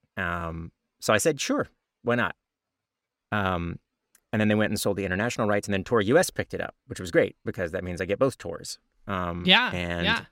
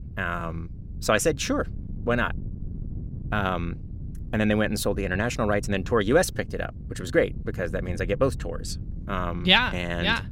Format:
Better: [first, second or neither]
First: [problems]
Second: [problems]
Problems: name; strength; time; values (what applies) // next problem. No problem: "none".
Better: first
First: none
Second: wind noise on the microphone; occasional gusts; 25 dB below the speech